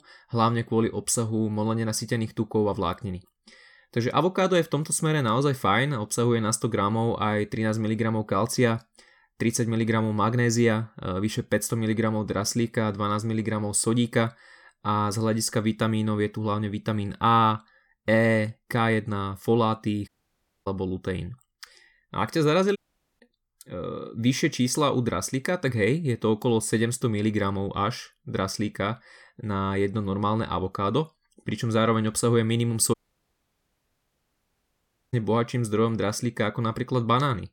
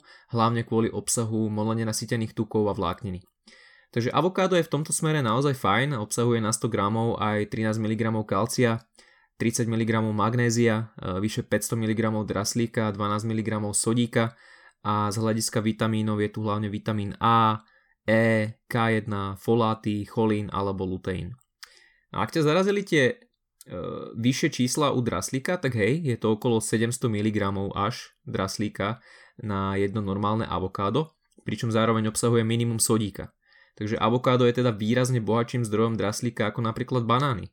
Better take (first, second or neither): second